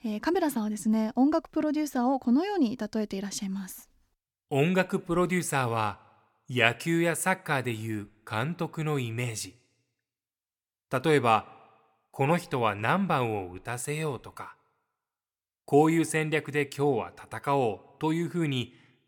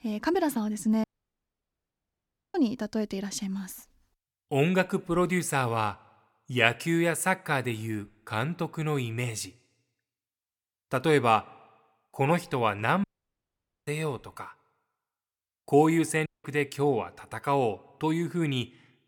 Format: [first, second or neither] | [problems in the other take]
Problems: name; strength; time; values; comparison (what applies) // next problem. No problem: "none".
first | audio cutting out; at 1 s for 1.5 s, at 13 s for 1 s and at 16 s